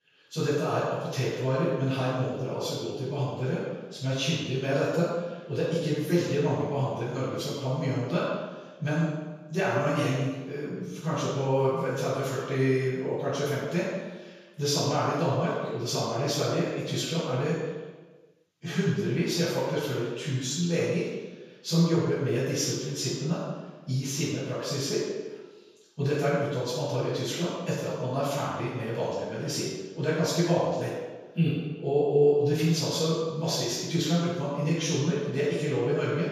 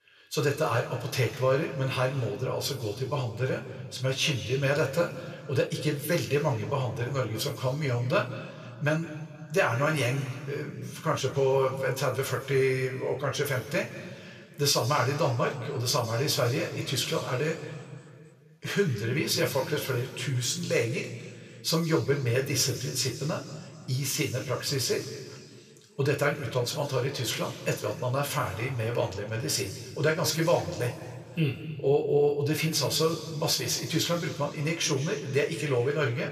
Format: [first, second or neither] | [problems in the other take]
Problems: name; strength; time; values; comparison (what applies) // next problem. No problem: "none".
second | room echo; strong; dies away in 1.2 s; slight in the second // off-mic speech; far; somewhat distant in the second